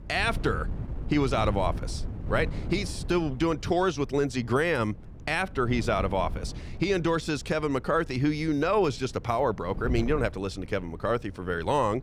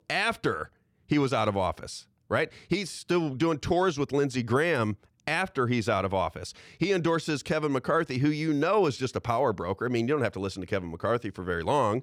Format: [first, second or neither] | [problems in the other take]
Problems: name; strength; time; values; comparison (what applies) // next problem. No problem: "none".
second | wind noise on the microphone; occasional gusts; 20 dB below the speech